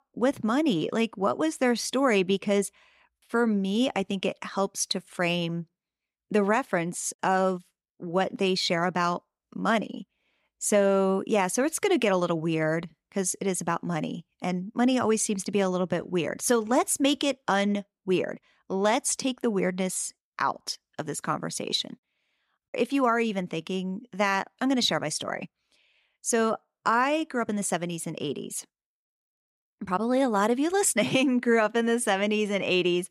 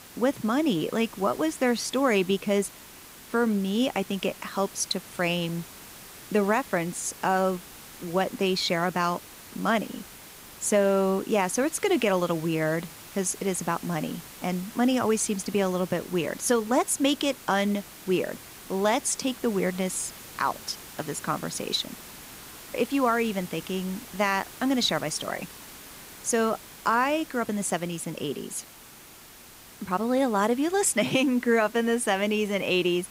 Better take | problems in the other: first | hiss; noticeable; throughout; 15 dB below the speech

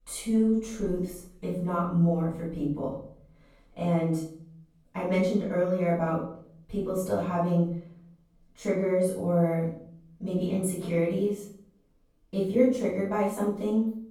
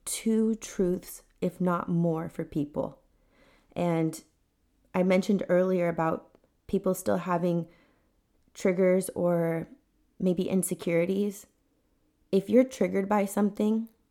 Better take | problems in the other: second | room echo; noticeable; dies away in 0.6 s // off-mic speech; far

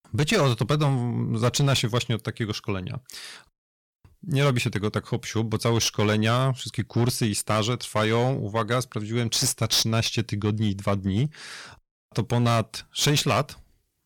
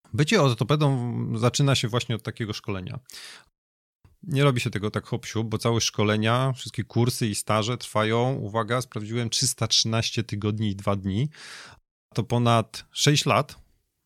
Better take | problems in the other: second | distortion; slight; 8% of the sound clipped

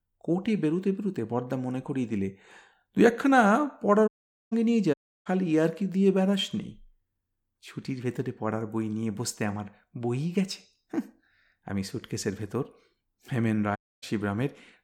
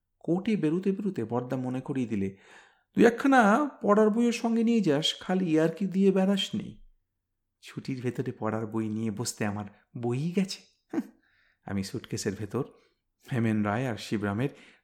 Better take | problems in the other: second | audio cutting out; at 4 s, at 5 s and at 14 s

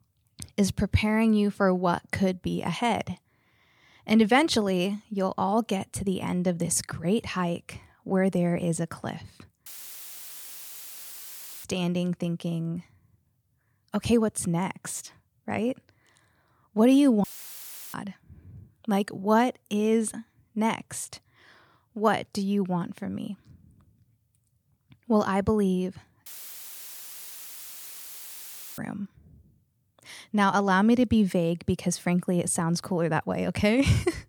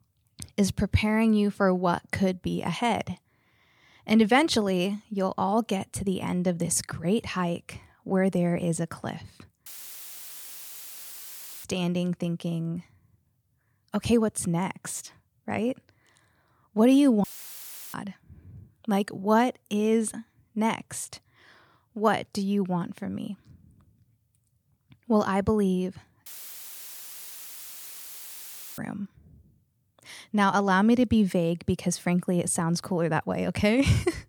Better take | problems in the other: neither | audio cutting out; filled with static; at 9.5 s for 2 s, at 17 s for 0.5 s and at 26 s for 2.5 s; the same in both

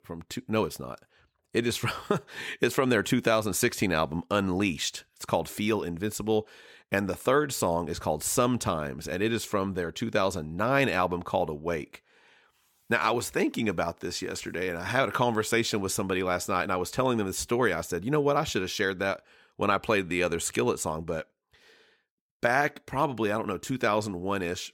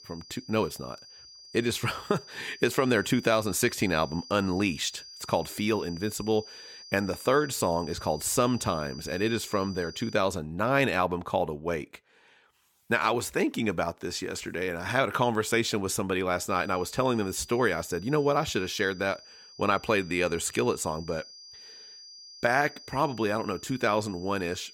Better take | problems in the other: first | high-pitched whine; noticeable; until 10 s and from 16 s on; 5 kHz, 15 dB below the speech

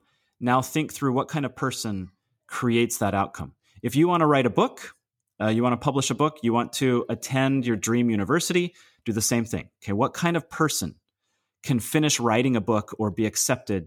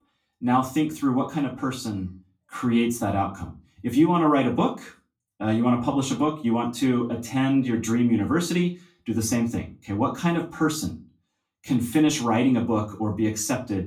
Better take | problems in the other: first | off-mic speech; far // room echo; very slight; dies away in 0.3 s

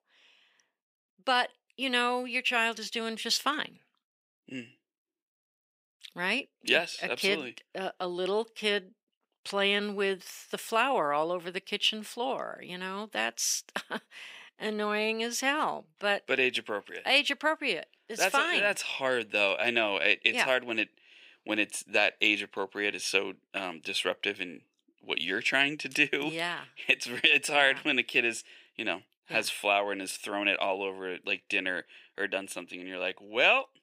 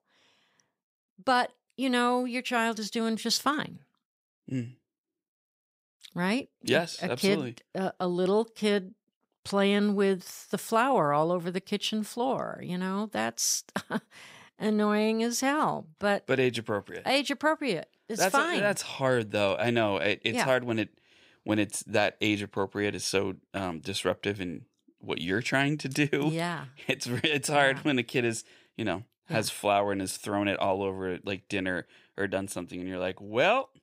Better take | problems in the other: second | thin; very slightly; fading below 300 Hz

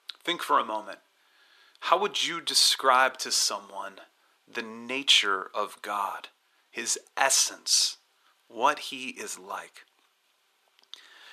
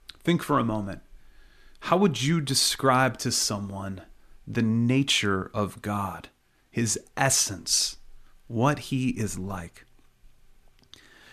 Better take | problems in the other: second | thin; very; fading below 450 Hz

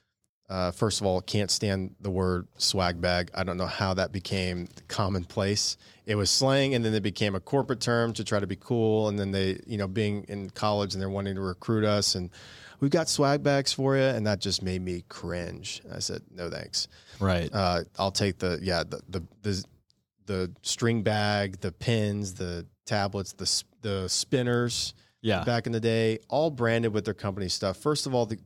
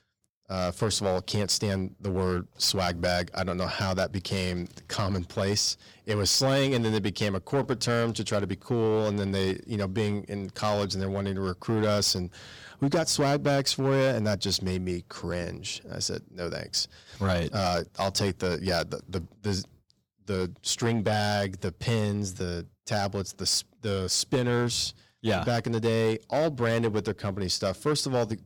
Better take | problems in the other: first | distortion; slight; 5% of the sound clipped

